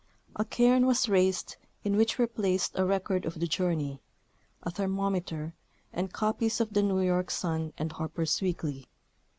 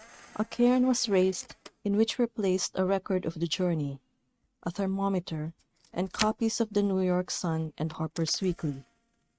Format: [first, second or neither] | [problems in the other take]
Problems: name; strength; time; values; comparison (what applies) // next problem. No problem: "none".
first | noise reduction (neural mask model RNNoise)